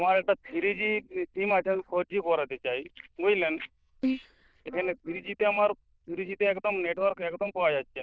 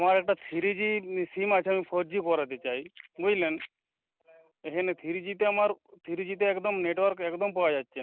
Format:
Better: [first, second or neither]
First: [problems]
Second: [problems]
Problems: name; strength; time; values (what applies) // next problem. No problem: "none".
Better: second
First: noise reduction (neural diffusion model UNIVERSE++)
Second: none